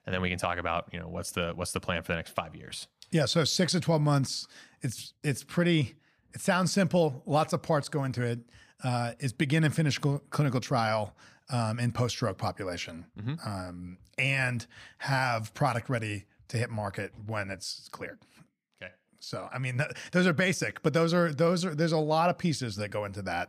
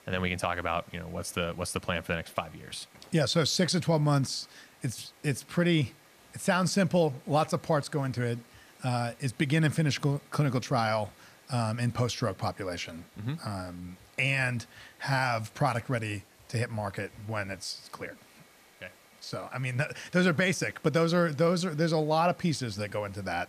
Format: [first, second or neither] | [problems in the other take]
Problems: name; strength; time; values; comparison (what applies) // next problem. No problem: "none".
first | hiss; faint; throughout; 25 dB below the speech